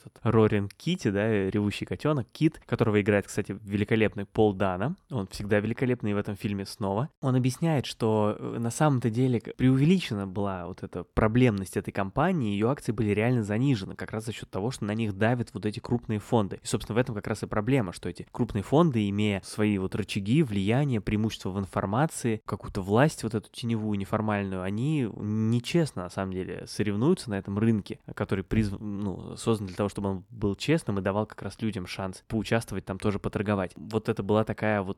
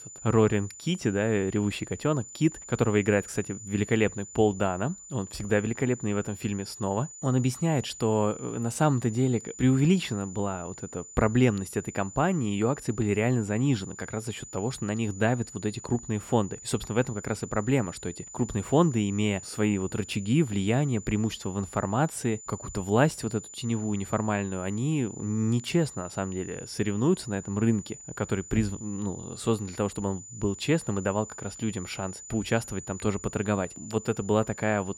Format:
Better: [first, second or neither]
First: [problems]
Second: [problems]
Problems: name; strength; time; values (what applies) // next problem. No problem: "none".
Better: first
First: none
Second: high-pitched whine; noticeable; throughout; 7 kHz, 15 dB below the speech